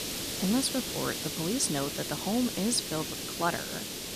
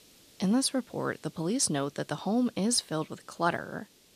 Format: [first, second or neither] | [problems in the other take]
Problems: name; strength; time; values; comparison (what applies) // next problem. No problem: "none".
second | hiss; loud; throughout; 3 dB below the speech; faint in the second